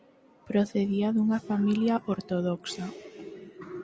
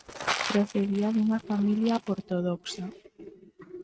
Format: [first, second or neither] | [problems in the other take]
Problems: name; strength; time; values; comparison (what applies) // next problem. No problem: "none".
first | noise reduction (neural mask model RNNoise)